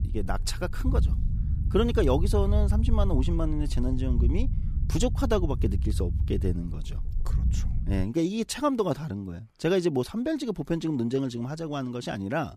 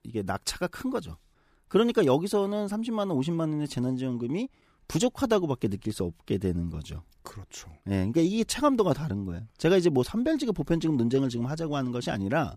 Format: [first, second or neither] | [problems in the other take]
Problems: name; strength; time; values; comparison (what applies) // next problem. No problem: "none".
second | low rumble; noticeable; until 8 s; 15 dB below the speech